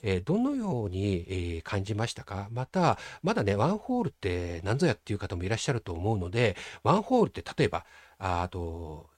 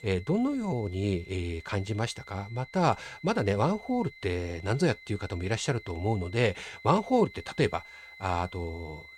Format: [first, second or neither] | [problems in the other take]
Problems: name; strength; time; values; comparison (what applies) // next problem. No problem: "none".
first | high-pitched whine; noticeable; throughout; 2 kHz, 20 dB below the speech